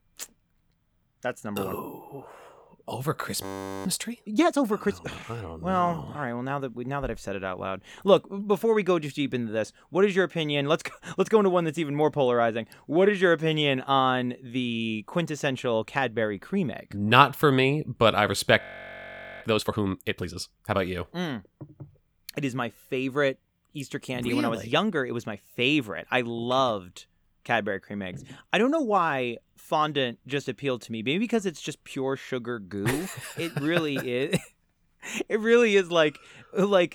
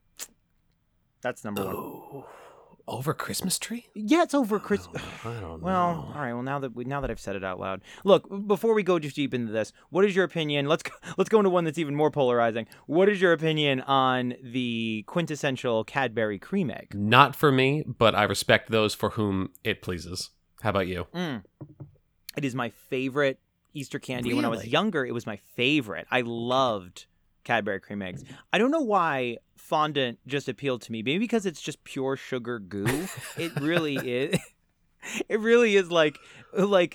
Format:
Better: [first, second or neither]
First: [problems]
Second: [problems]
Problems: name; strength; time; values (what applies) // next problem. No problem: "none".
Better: second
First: audio freezing; at 3.5 s and at 19 s for 1 s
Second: none